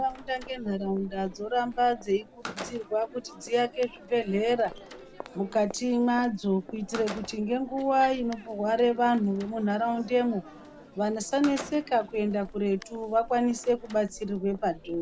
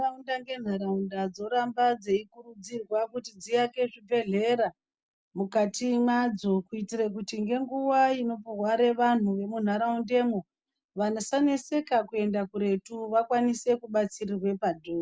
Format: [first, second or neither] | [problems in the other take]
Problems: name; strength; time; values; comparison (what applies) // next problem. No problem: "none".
second | background sound (Crowd + Slam); 17 dB below the speech